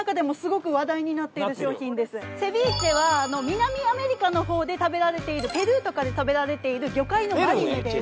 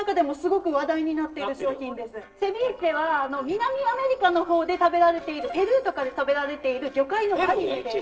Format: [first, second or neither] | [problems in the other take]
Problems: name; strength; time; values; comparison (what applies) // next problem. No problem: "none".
first | noise reduction (neural separator model SepFormer DNS4)